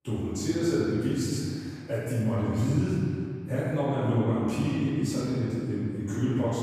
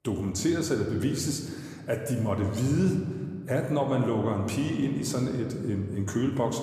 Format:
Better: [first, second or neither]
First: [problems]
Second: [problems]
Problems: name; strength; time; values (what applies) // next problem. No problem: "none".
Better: second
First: room echo; strong; dies away in 2.1 s // off-mic speech; far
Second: room echo; slight; dies away in 1.6 s